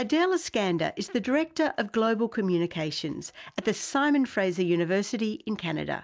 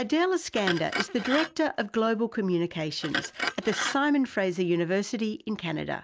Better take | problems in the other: first | background sound (Glass); 8 dB below the speech

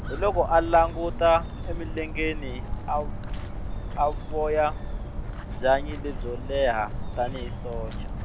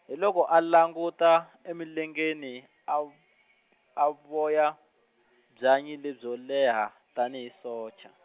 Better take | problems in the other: second | background sound (Walk, footsteps); 4 dB below the speech

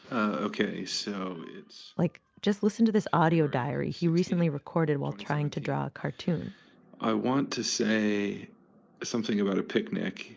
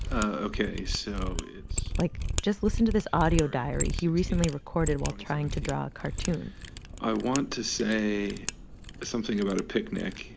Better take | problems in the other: first | background sound (Mechanisms); 5 dB below the speech

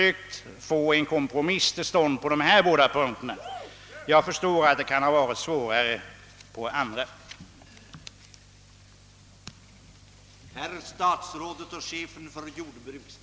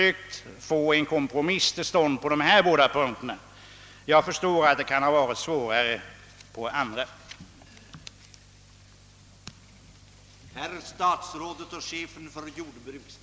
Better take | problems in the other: second | background sound (Cheering); 16 dB below the speech

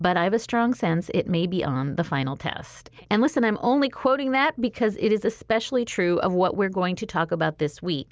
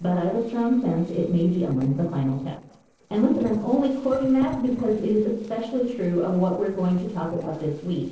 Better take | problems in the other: first | noise reduction (neural separator model SepFormer DNS4)

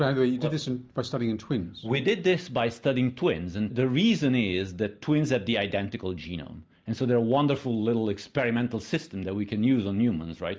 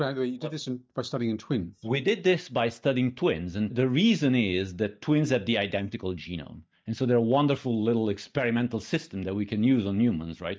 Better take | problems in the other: first | noise reduction (neural mask model DeepFilterNet 3)

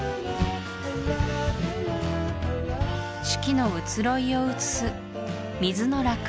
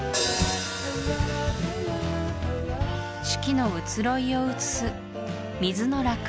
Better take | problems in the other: first | background sound (Hi-hat); 8 dB below the speech

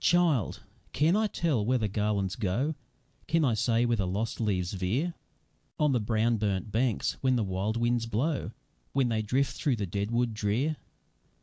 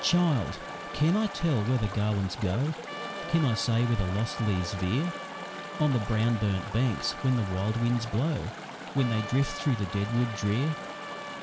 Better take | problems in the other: first | background sound (Trumpet + Chatter / Stream); 10 dB below the speech

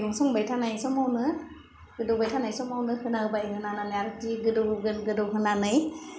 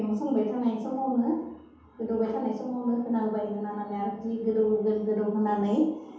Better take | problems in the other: first | room echo; dies away in 0.8 s

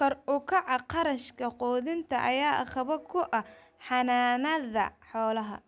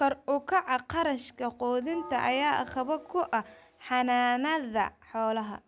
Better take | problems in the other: first | background sound (Bell); 18 dB below the speech

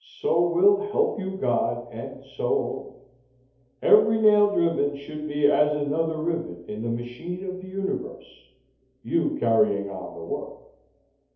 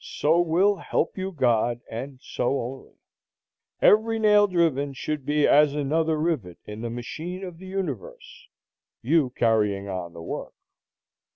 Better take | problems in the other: second | room echo; dies away in 2.2 s

